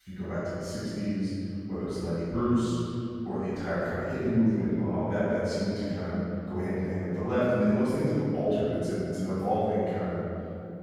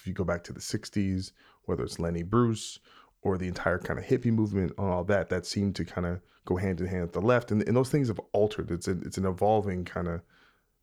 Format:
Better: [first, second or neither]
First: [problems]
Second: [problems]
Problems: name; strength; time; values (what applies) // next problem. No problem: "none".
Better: second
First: room echo; strong; dies away in 2.6 s // off-mic speech; far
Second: none